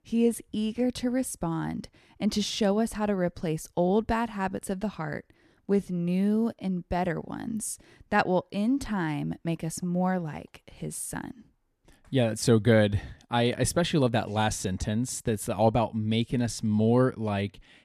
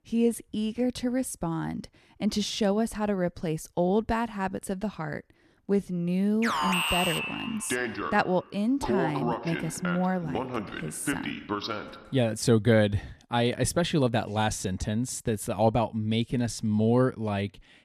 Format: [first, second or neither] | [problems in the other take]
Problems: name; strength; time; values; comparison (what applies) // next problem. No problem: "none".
first | alarm; loud; from 6.5 to 12 s; peak 3 dB above the speech